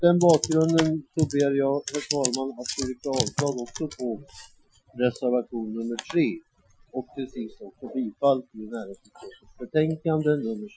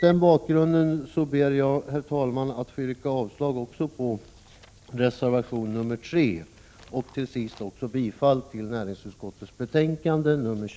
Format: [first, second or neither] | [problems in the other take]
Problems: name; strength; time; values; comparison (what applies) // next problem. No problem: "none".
second | noise reduction (classical method Wiener filter)